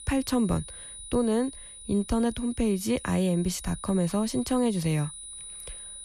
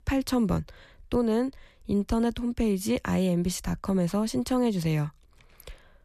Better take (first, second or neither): second